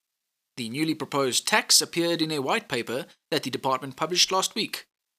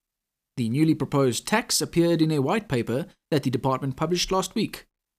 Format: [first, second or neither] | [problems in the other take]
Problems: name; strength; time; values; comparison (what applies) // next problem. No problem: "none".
second | thin; somewhat; fading below 750 Hz